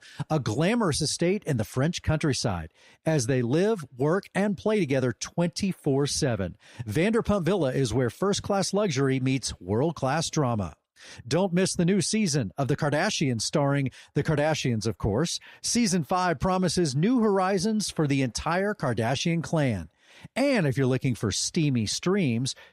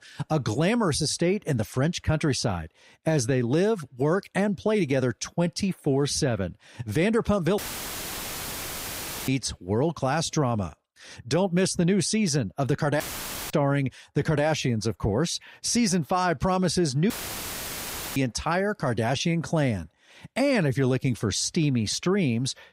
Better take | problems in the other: first | audio cutting out; filled with static; at 7.5 s for 1.5 s, at 13 s for 0.5 s and at 17 s for 1 s

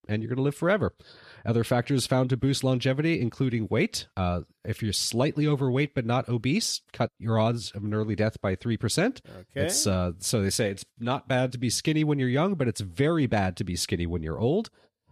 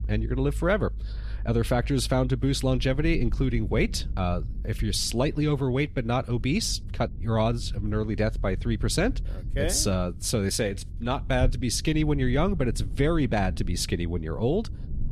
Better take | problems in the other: first | low rumble; faint; throughout; 25 dB below the speech

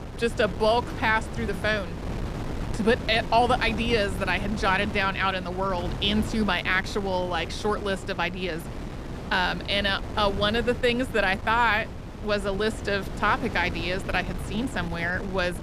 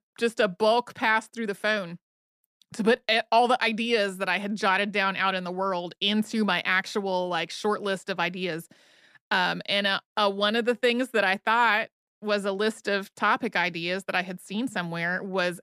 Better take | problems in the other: second | wind noise on the microphone; occasional gusts; 15 dB below the speech

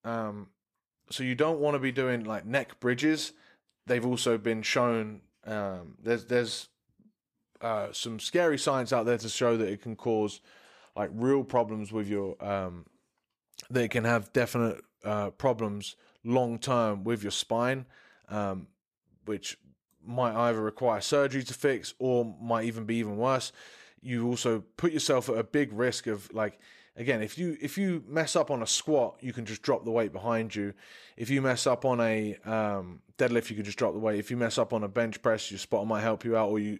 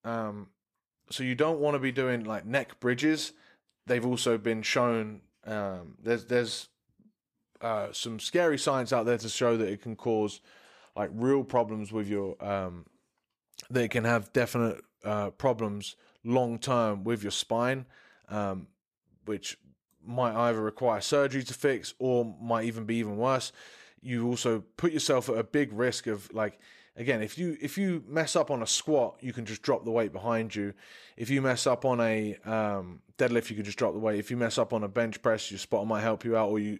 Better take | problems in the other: neither | none

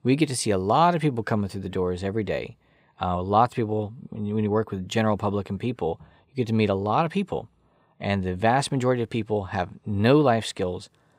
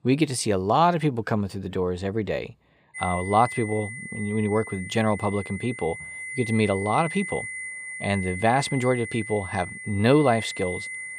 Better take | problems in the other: first | high-pitched whine; loud; from 3 s on; 2 kHz, 9 dB below the speech

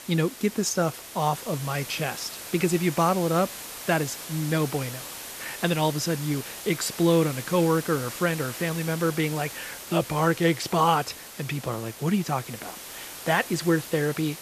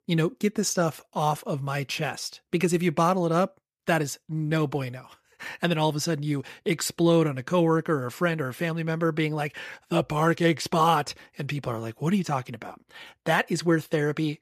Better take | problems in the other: second | hiss; noticeable; throughout; 10 dB below the speech

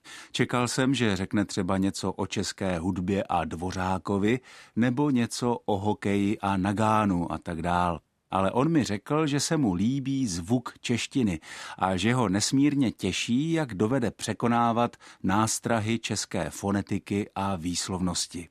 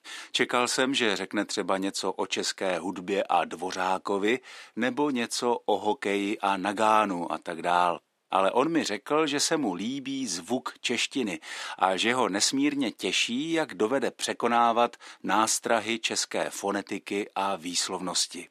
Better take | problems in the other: first | thin; somewhat; fading below 400 Hz

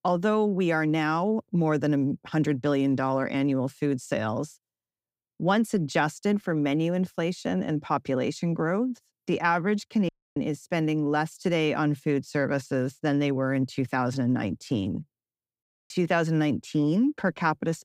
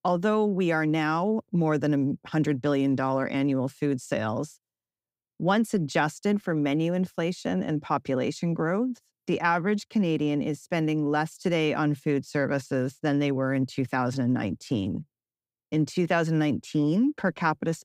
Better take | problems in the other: second | audio cutting out; at 10 s and at 16 s

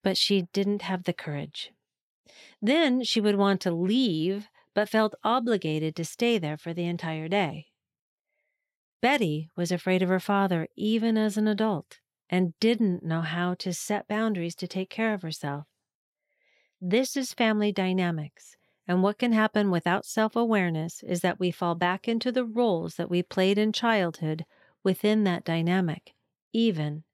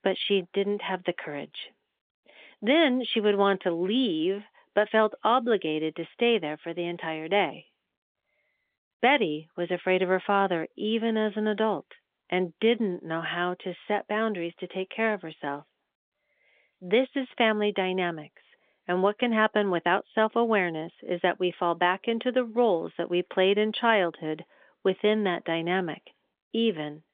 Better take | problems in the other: first | phone-call audio; nothing above 3.5 kHz

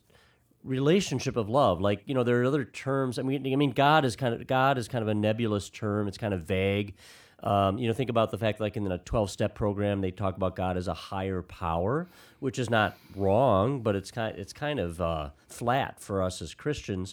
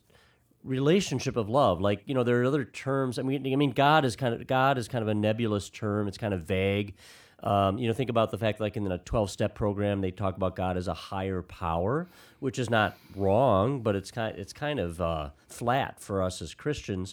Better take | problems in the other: neither | none

